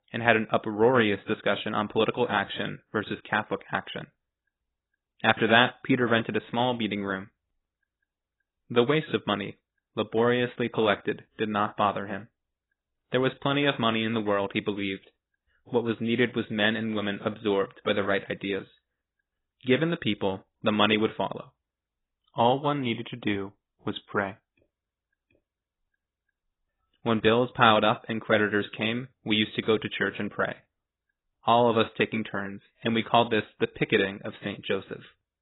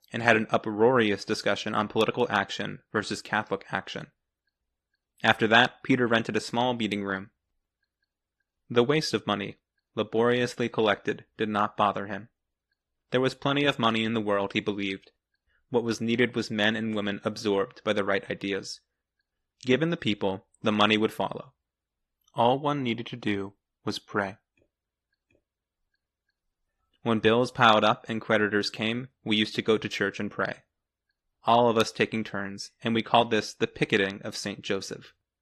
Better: second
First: garbled, watery; badly; nothing above 3.5 kHz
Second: garbled, watery; slightly; nothing above 13 kHz

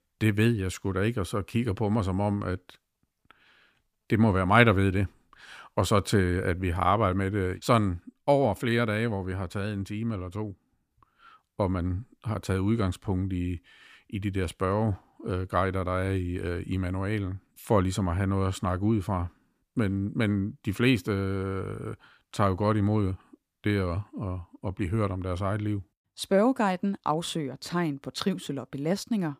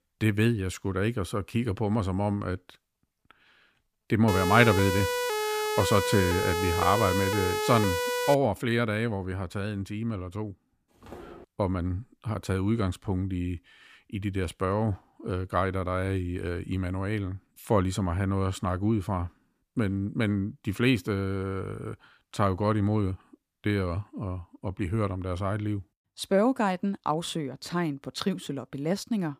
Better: first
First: none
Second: siren; loud; from 4.5 to 8.5 s; peak level with the speech // footsteps; faint; at 11 s; peak 15 dB below the speech

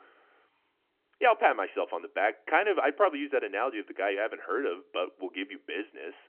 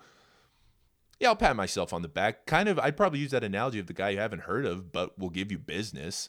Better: second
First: phone-call audio; nothing above 3 kHz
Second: none

